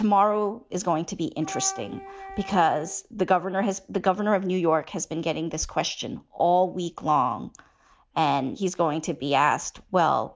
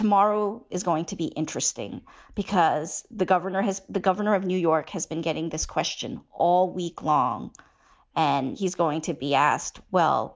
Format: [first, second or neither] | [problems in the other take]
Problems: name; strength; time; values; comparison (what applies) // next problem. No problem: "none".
second | background sound (Wind instrument, woodwind instrument); 15 dB below the speech